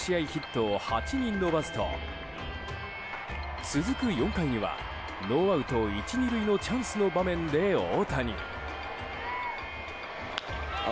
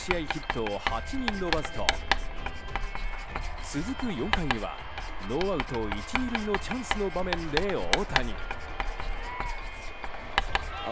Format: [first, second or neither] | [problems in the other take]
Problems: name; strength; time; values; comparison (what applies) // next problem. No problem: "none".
first | background sound (Writing); 2 dB above the speech